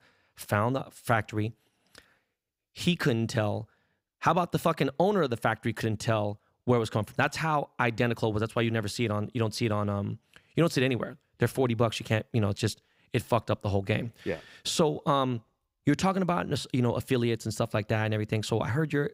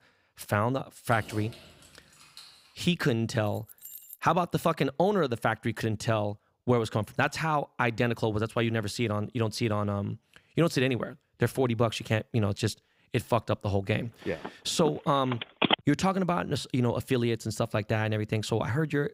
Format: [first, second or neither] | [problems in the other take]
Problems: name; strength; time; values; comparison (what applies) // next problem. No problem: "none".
first | jangling keys; faint; from 1 to 2.5 s and at 3.5 s; peak 15 dB below the speech // phone ringing; loud; from 14 to 16 s; peak 3 dB above the speech